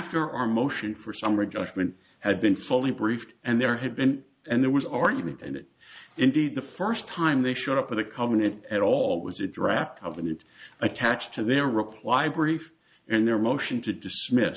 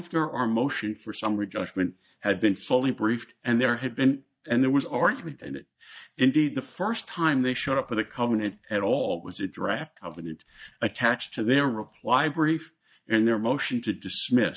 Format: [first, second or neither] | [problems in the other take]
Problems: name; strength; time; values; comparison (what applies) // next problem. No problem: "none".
first | noise reduction (neural mask model DeepFilterNet 3)